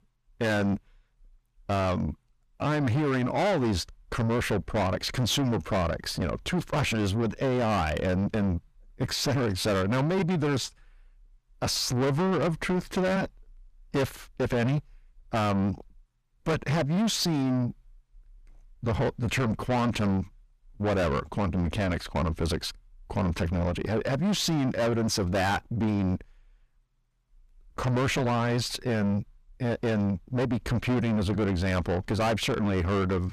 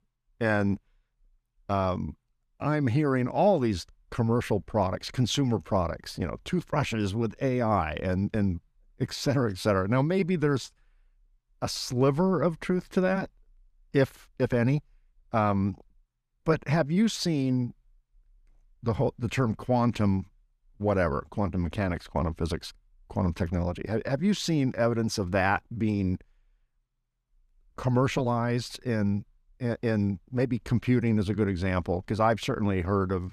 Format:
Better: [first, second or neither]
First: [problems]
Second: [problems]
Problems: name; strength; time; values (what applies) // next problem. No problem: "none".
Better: second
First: distortion; heavy; 6 dB below the speech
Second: none